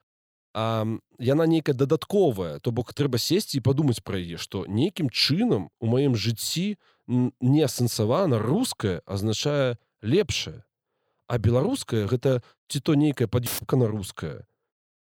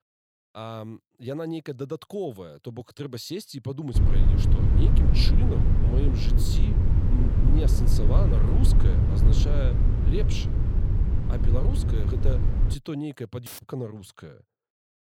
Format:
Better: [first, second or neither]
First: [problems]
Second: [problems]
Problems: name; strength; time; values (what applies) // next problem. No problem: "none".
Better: first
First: none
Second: low rumble; loud; from 4 to 13 s; 1 dB below the speech